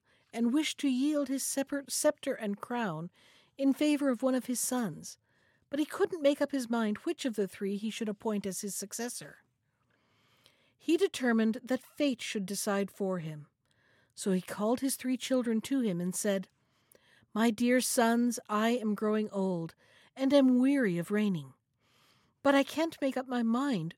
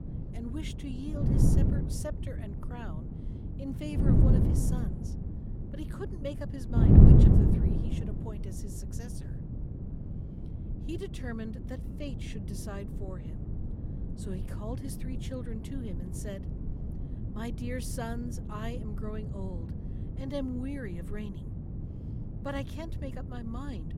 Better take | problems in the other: first | wind noise on the microphone; heavy; 2 dB above the speech

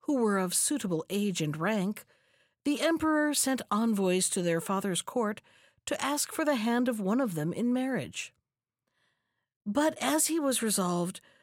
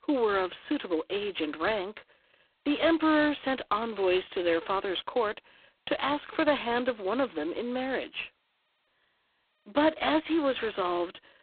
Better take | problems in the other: first | phone-call audio; poor line; nothing above 4 kHz

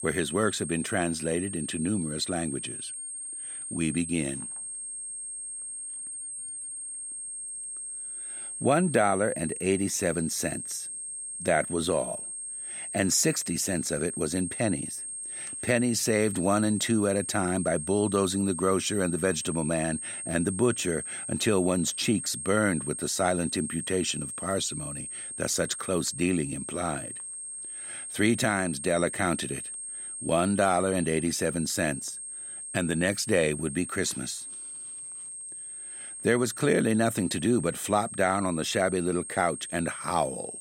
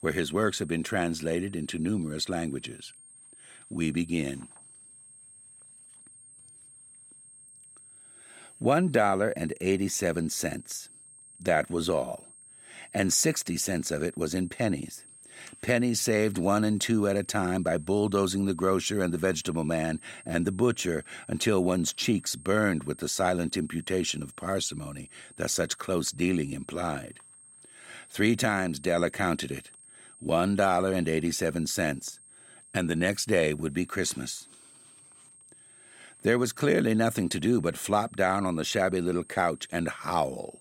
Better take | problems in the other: second | high-pitched whine; loud; throughout; 8.5 kHz, 7 dB below the speech; faint in the second

